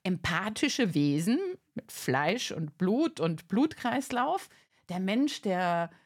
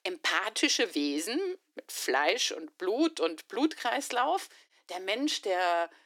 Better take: first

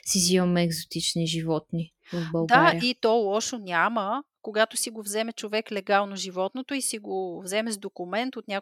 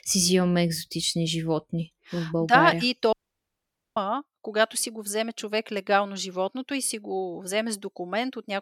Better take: first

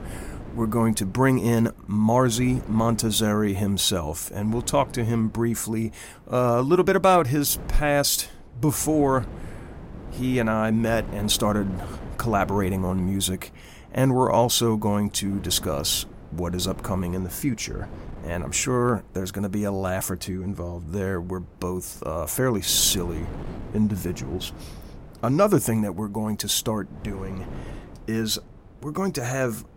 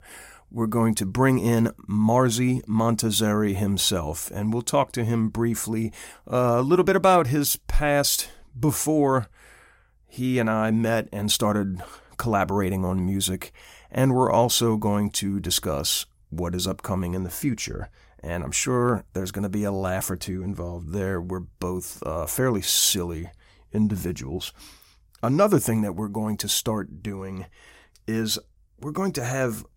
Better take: second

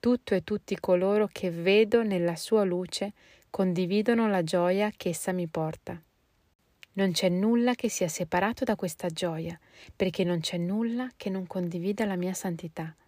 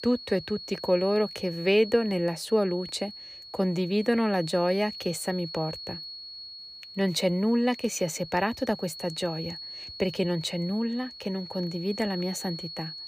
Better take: first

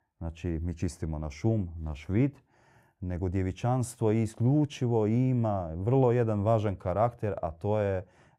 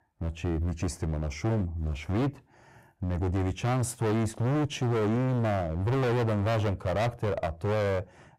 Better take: first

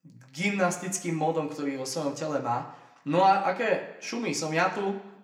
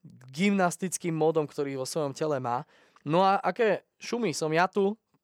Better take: second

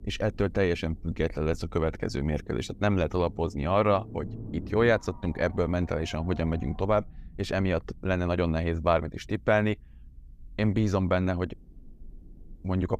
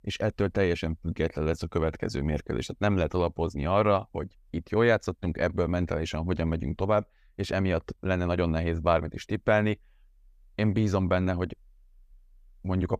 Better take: second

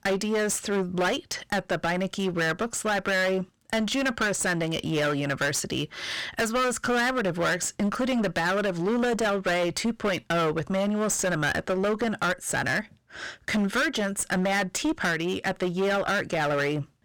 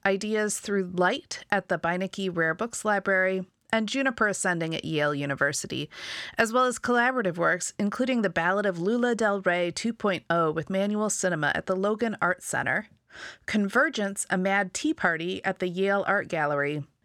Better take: second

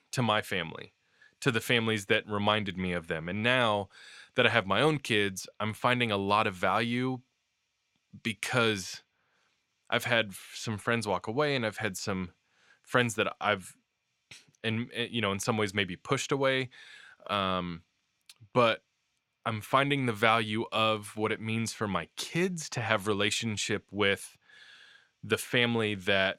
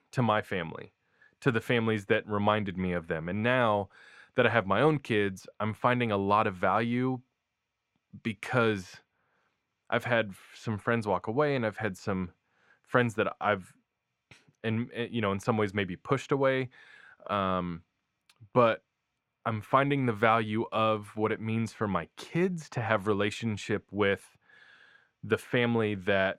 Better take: first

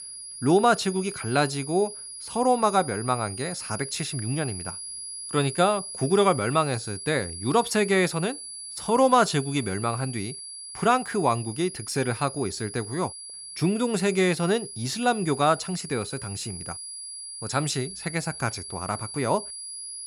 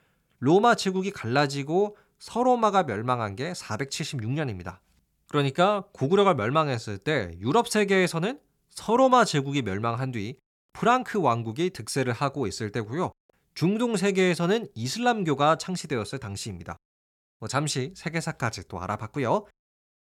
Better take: second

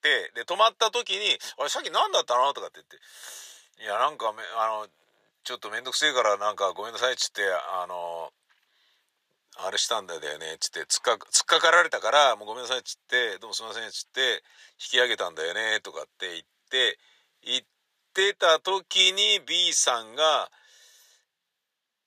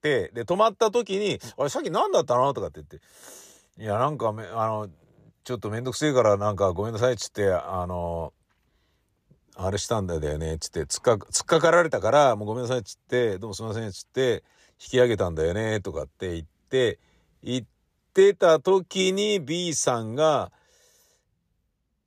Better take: second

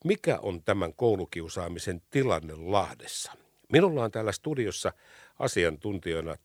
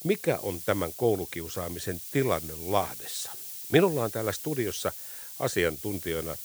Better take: first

